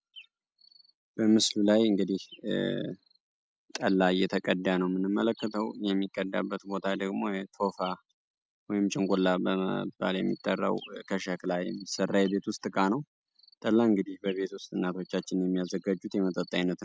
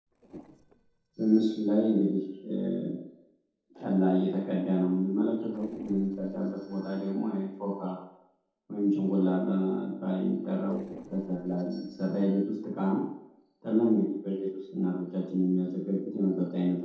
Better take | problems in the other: first | noise reduction (neural separator model SepFormer DNS4)

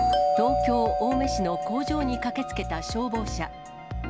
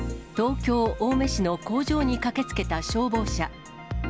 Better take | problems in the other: second | background sound (Doorbell); 1 dB above the speech

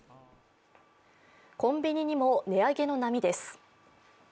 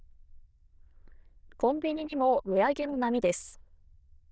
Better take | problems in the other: first | noise reduction (neural diffusion model UNIVERSE++)

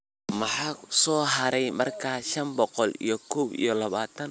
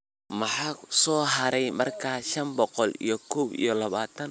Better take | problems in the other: second | background sound (Snare drum); 17 dB below the speech

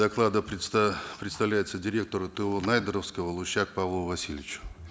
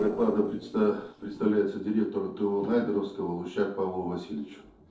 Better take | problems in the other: first | noise reduction (neural separator model SepFormer DNS4)

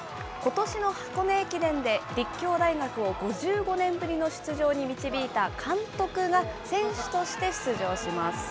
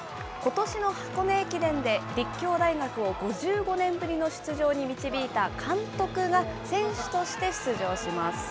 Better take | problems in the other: first | background sound (Bowed string instrument); 15 dB below the speech

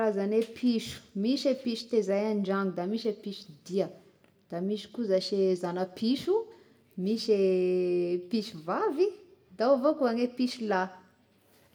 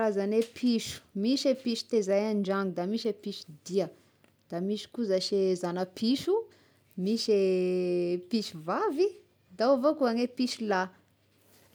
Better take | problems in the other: second | room echo; dies away in 0.7 s

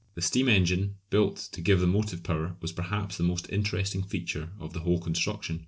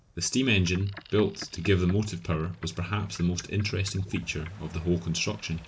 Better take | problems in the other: first | background sound (Boat, Water vehicle); 20 dB below the speech

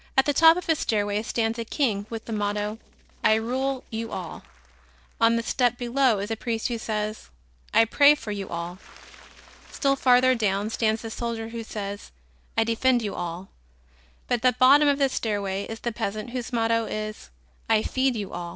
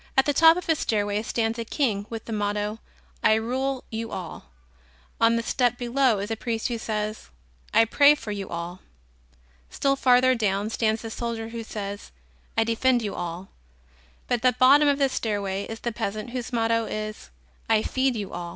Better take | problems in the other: second | noise reduction (neural separator model SepFormer DNS4)

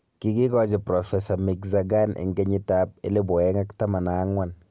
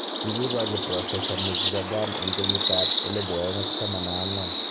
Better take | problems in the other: first | background sound (Bird vocalization, bird call, bird song); 3 dB above the speech

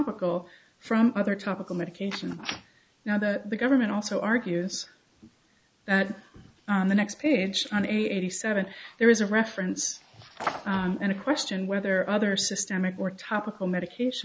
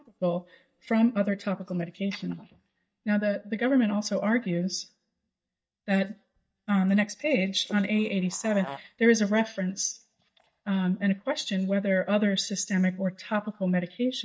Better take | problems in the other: first | noise reduction (neural mask model DeepFilterNet 3)

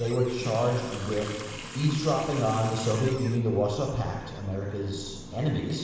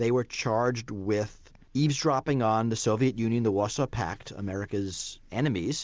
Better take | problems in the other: second | background sound (Water tap, faucet); 13 dB below the speech // room echo; dies away in 1.3 s

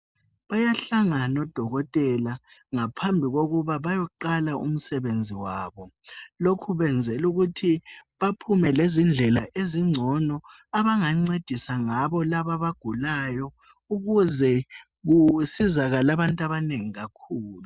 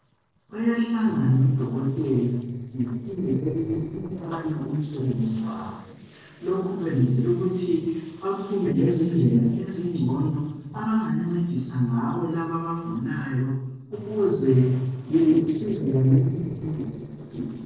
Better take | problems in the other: first | noise reduction (neural separator model SepFormer DNS4)

